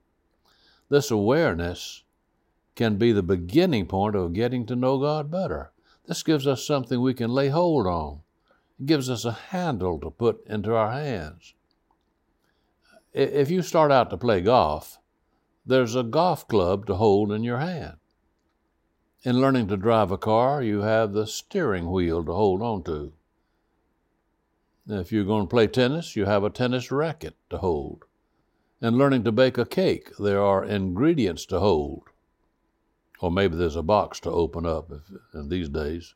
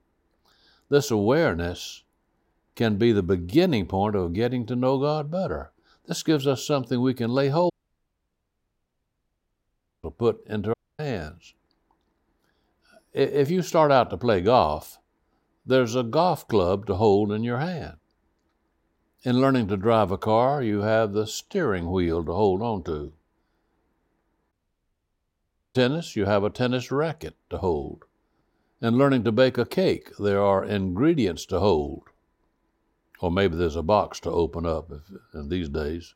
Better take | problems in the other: first | audio cutting out; at 7.5 s for 2.5 s, at 11 s and at 25 s for 1 s

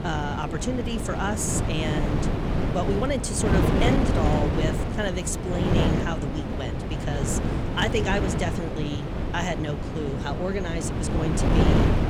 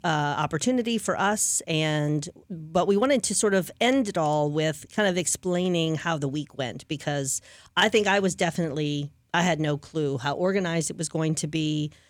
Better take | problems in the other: second | wind noise on the microphone; heavy; 1 dB below the speech

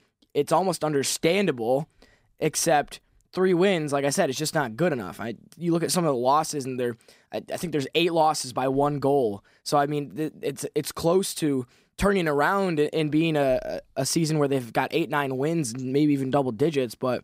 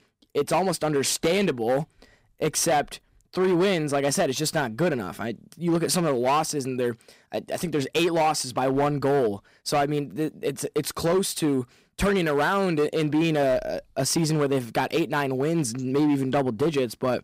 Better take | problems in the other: first | distortion; slight; 9% of the sound clipped

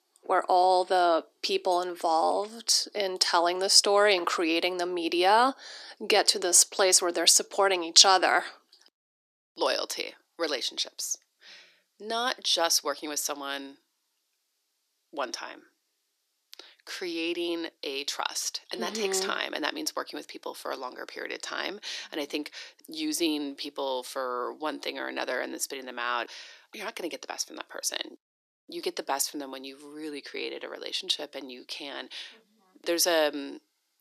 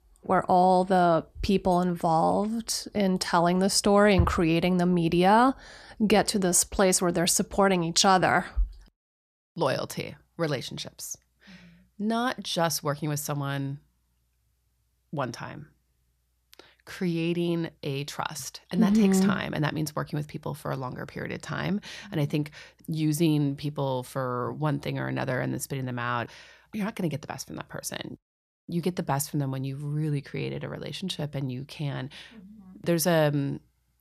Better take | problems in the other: second | thin; very; fading below 300 Hz

